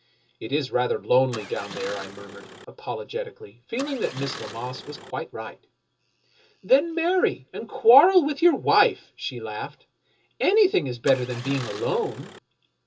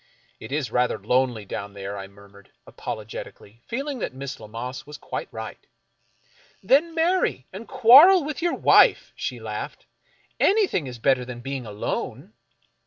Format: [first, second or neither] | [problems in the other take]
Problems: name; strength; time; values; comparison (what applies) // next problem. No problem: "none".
second | background sound (Engine starting); 15 dB below the speech // room echo; dies away in 0.2 s